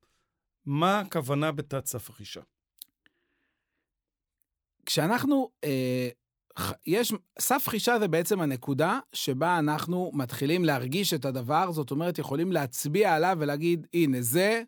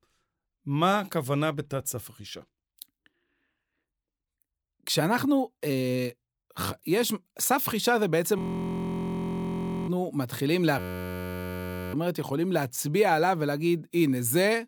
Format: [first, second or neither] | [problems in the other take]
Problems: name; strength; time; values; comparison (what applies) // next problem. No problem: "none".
first | audio freezing; at 8.5 s for 1.5 s and at 11 s for 1 s